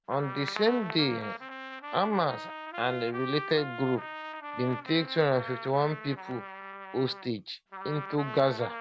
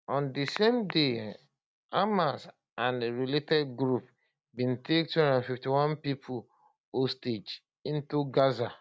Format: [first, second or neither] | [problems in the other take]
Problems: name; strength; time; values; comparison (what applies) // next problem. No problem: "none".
second | background sound (Trumpet); 10 dB below the speech